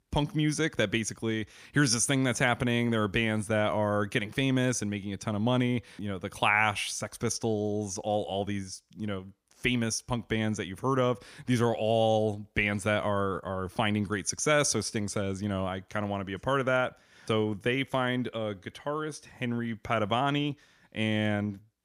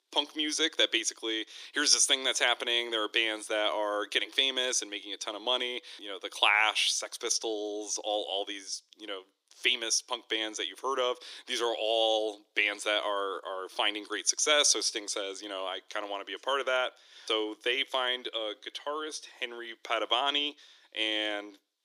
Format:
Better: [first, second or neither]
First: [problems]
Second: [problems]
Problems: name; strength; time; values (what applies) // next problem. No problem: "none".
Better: first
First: none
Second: thin; very; fading below 300 Hz